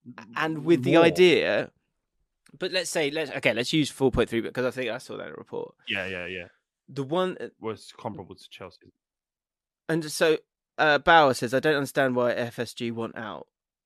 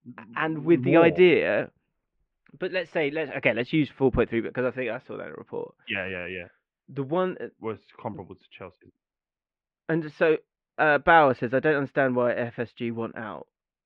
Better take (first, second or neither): first